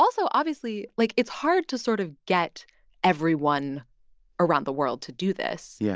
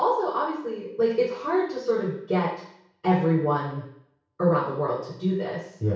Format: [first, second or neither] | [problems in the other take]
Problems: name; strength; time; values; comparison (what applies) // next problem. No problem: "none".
first | room echo; dies away in 0.6 s